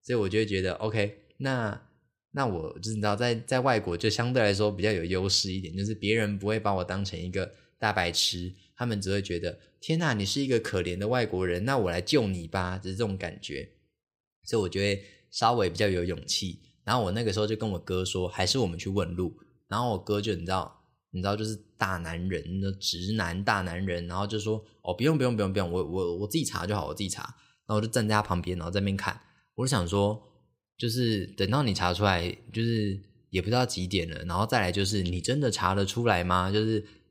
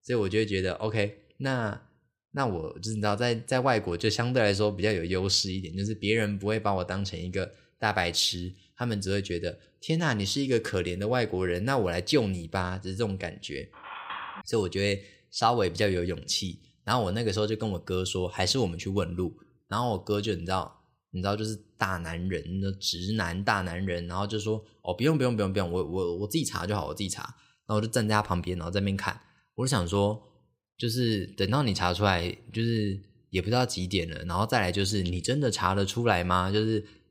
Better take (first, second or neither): first